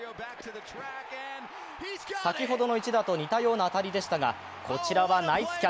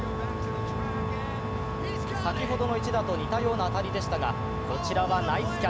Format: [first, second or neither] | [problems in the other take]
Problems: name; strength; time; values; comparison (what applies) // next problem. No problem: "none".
first | background sound (Organ + Mechanical fan); 1 dB above the speech